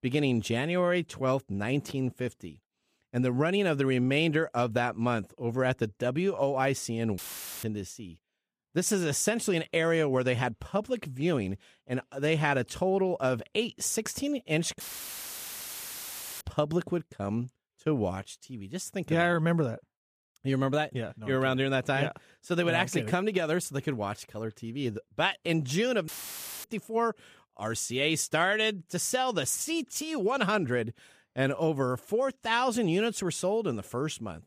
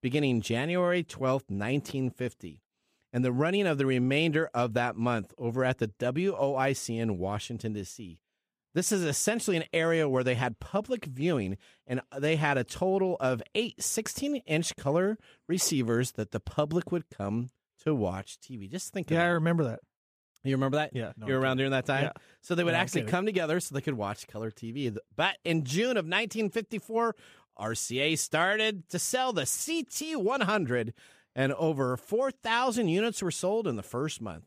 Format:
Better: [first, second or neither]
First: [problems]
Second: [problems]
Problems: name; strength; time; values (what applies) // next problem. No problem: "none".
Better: second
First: audio cutting out; filled with static; at 7 s, at 15 s for 1.5 s and at 26 s for 0.5 s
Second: none